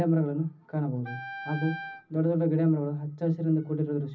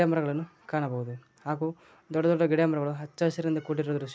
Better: second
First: background sound (Wind instrument, woodwind instrument); 14 dB below the speech // room echo; dies away in 0.4 s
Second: none

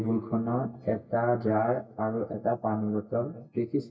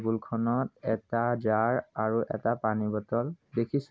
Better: second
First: noise reduction (neural mask model DeepFilterNet 3)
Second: none

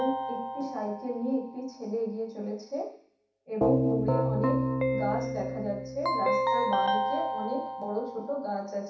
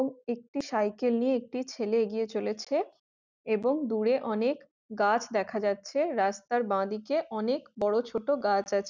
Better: second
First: background sound (Keyboard (musical)); 3 dB above the speech // room echo; dies away in 0.7 s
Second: none

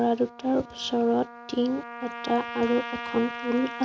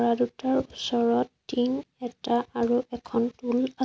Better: second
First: background sound (Trumpet); 11 dB below the speech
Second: none

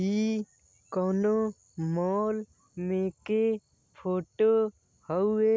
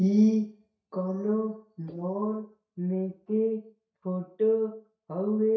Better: first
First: none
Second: noise reduction (neural mask model DeepFilterNet 3)

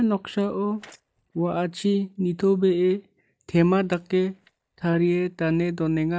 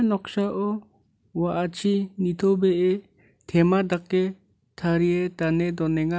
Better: second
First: noise reduction (neural mask model DeepFilterNet 3)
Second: none

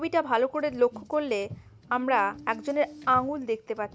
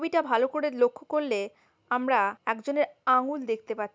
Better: second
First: background sound (Car); 19 dB below the speech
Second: none

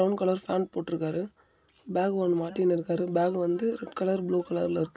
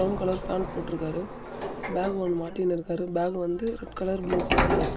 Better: first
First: none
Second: background sound (Sliding door); 3 dB below the speech

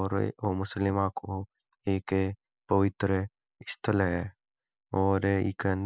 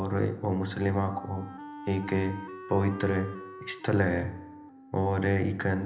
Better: first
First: none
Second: background sound (Wind instrument, woodwind instrument); 16 dB below the speech // room echo; dies away in 0.8 s

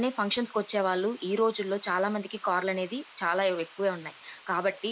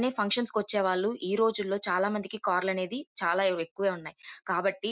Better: second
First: noise reduction (neural mask model Resemble Enhance denoiser)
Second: none

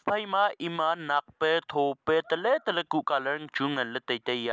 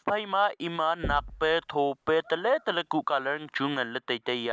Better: first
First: none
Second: background sound (Knock); 14 dB below the speech

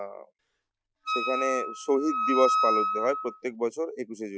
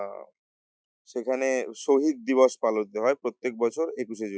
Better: second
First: background sound (Wind instrument, woodwind instrument); as loud as the speech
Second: none

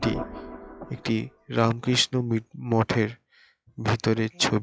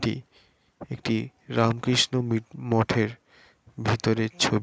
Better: second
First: noise reduction (classical method log-MMSE)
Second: none

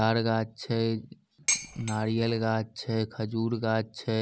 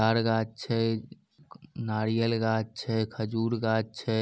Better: second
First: background sound (Dishes, pots, and pans); 4 dB below the speech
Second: none

